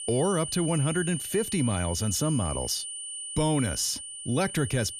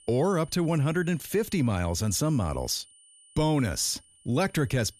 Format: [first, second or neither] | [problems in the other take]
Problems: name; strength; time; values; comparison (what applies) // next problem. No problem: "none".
second | high-pitched whine; loud; throughout; 9.5 kHz, 6 dB below the speech; faint in the second